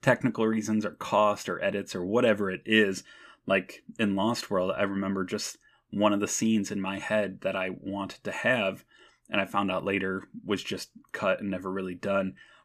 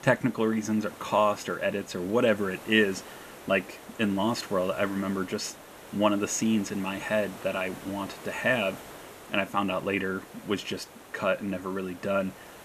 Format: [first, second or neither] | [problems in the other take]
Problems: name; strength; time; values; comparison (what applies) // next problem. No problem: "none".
first | hiss; noticeable; throughout; 15 dB below the speech